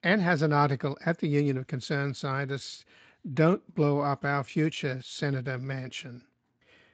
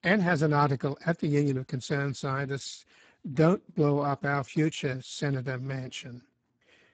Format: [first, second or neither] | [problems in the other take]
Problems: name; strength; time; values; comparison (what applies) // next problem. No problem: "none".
first | garbled, watery; badly; nothing above 7.5 kHz; slightly in the first